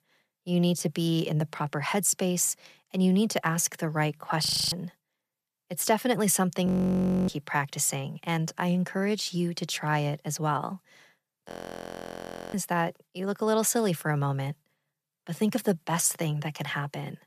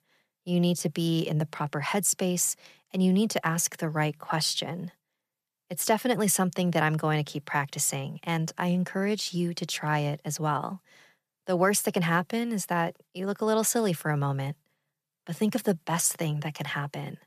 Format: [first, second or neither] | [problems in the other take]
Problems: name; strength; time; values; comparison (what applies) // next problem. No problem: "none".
second | audio freezing; at 4.5 s, at 6.5 s for 0.5 s and at 11 s for 1 s